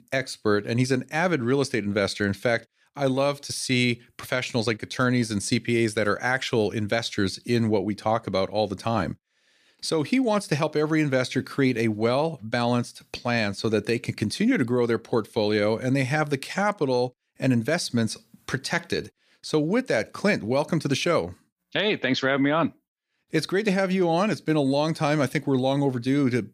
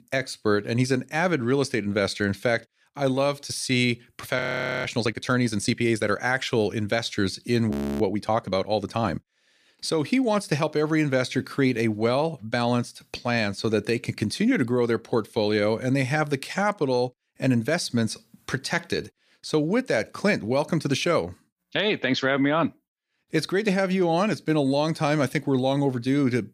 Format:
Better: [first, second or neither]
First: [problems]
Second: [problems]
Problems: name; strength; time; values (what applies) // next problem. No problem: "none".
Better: first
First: none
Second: audio freezing; at 4.5 s and at 7.5 s